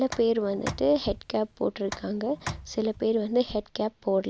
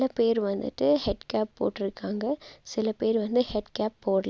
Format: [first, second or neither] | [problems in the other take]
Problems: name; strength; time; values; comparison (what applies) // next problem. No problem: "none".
second | background sound (Tick); 14 dB below the speech